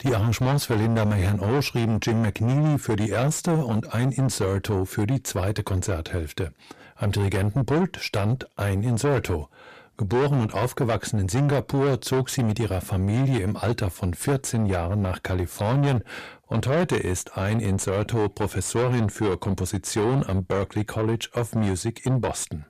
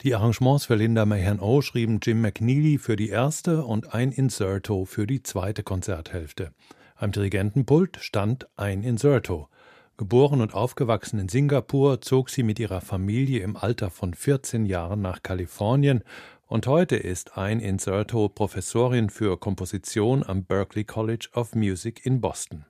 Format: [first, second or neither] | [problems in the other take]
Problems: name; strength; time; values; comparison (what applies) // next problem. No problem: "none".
second | distortion; heavy; 7 dB below the speech